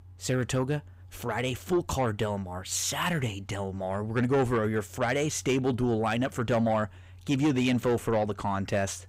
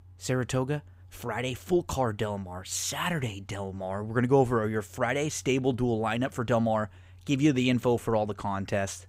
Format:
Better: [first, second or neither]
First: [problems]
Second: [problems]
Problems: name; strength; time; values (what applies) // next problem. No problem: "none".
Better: second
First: distortion; slight; 10 dB below the speech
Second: none